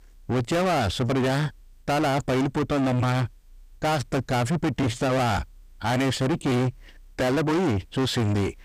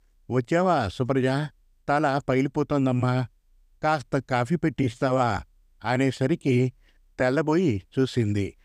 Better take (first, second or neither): second